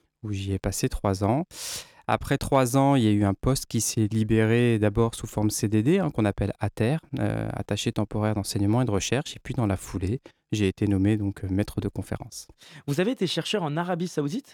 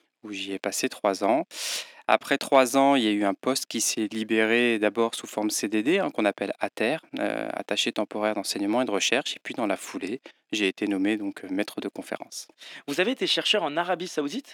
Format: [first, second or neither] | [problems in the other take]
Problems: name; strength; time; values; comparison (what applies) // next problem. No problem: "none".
first | thin; somewhat; fading below 250 Hz